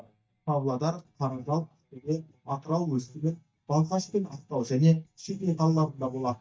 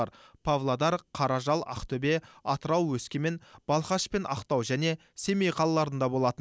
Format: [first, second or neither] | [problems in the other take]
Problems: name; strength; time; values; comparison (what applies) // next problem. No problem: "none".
second | noise reduction (neural mask model DeepFilterNet 3)